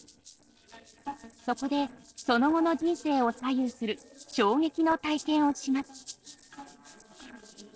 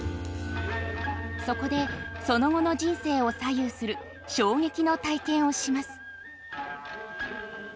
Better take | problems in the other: second | noise reduction (neural separator model SepFormer DNS4)

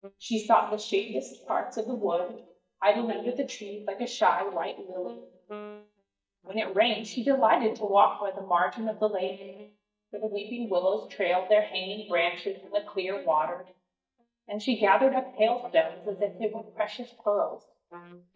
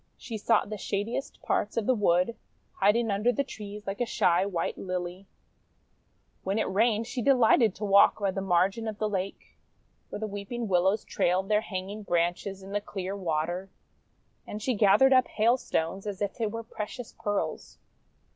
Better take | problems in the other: second | noise reduction (neural mask model DeepFilterNet 3)

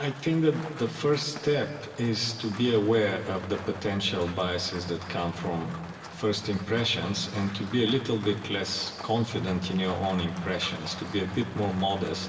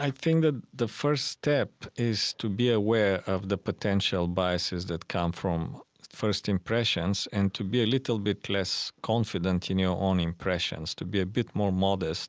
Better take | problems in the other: second | background sound (Rain); 15 dB below the speech // room echo; dies away in 2.2 s

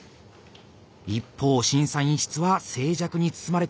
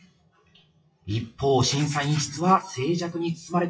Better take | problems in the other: first | noise reduction (classical method WPE with log-MMSE)

